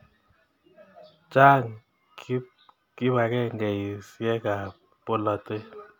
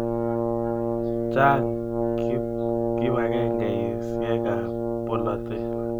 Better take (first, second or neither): first